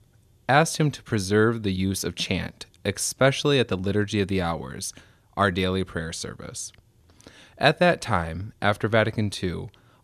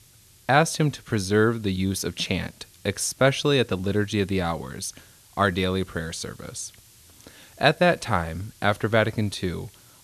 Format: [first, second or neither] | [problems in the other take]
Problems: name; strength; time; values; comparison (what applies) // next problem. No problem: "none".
first | hiss; faint; throughout; 25 dB below the speech